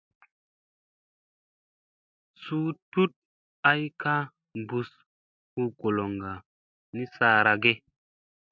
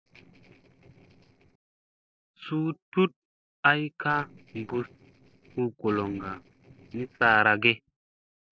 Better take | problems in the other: first | noise reduction (neural separator model SepFormer DNS4)

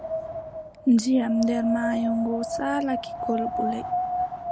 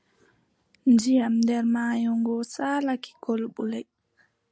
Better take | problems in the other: second | background sound (Wind); 4 dB below the speech

